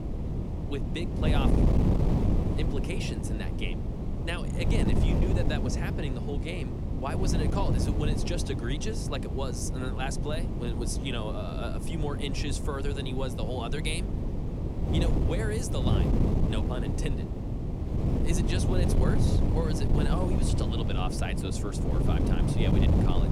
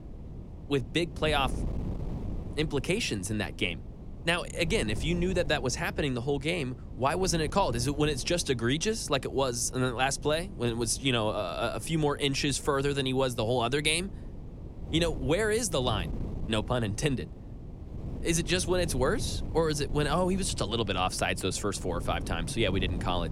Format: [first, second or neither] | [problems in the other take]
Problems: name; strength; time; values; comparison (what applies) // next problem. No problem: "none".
second | wind noise on the microphone; heavy; 1 dB below the speech; occasional gusts in the second